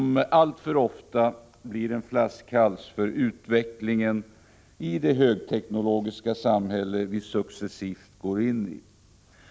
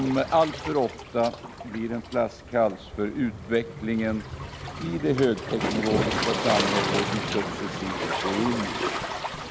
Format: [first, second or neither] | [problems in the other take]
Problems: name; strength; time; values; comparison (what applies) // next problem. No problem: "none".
first | background sound (Waves, surf); 3 dB below the speech